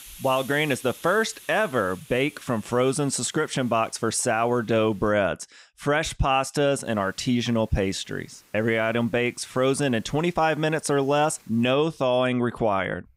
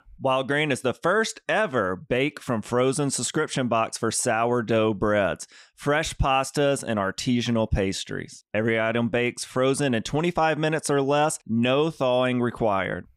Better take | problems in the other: second | hiss; faint; until 5 s and from 7 to 12 s; 25 dB below the speech

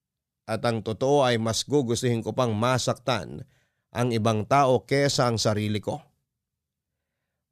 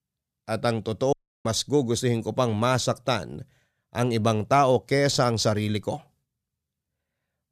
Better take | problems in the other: first | audio cutting out; at 1 s

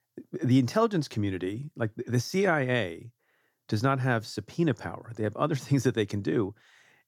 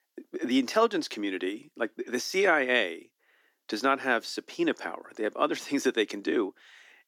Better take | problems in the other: first | thin; somewhat; fading below 250 Hz

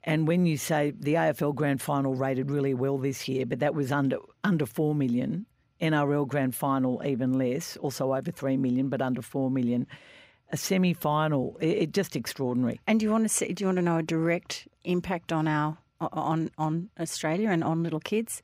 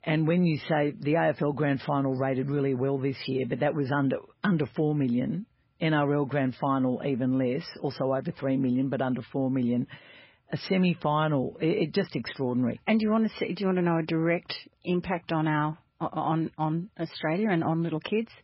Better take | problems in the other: first | garbled, watery; badly; nothing above 5.5 kHz

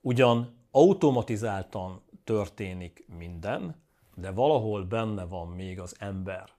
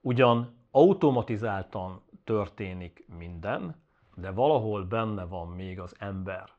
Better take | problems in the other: first | muffled; slightly; fading above 3.5 kHz

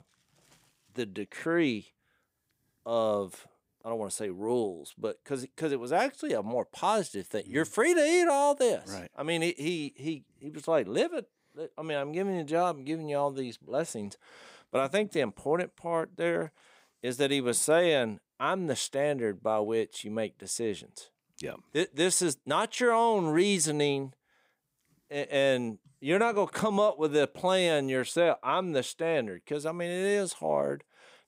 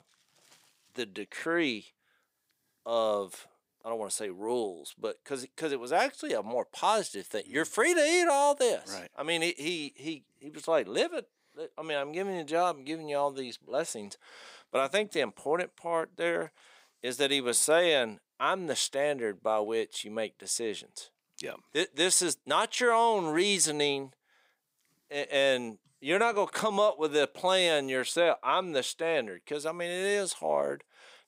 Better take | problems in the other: first | thin; very slightly; fading below 1 kHz

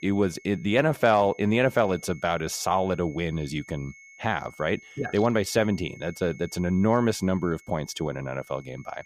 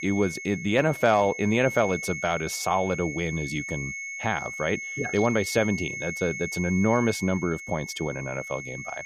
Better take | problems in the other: first | high-pitched whine; loud; throughout; 2 kHz, 7 dB below the speech; faint in the first

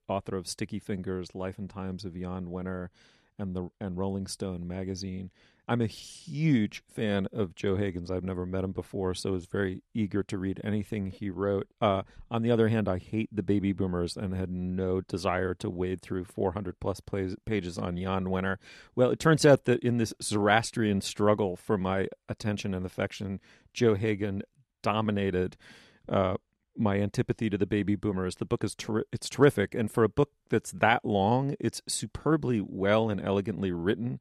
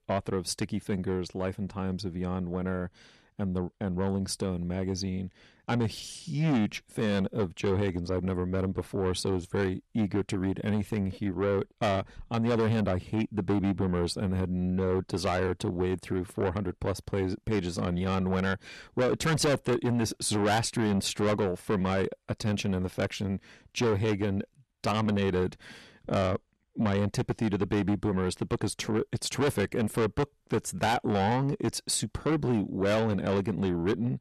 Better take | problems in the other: first | distortion; heavy; 6 dB below the speech

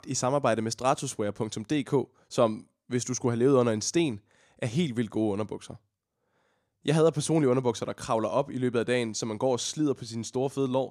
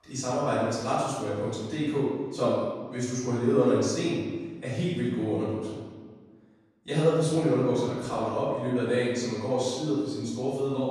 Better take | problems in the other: first | off-mic speech; far // room echo; strong; dies away in 1.4 s

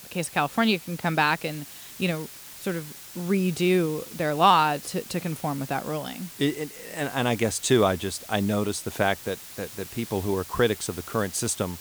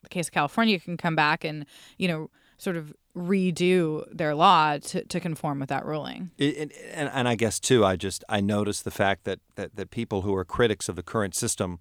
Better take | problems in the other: second | hiss; noticeable; throughout; 15 dB below the speech

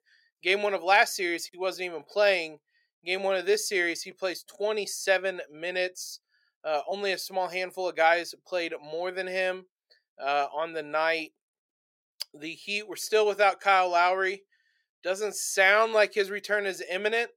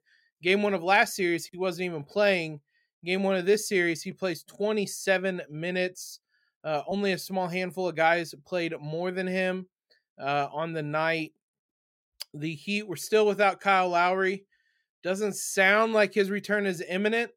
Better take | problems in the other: second | thin; very; fading below 500 Hz

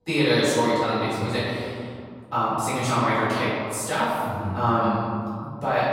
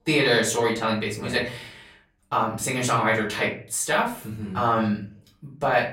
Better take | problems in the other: second | room echo; strong; dies away in 2.3 s; slight in the second // off-mic speech; far; far in the second

